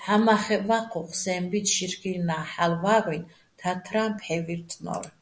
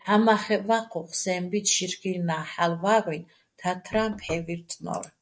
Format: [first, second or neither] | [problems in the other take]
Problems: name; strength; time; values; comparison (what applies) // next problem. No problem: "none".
first | noise reduction (neural mask model DeepFilterNet 3)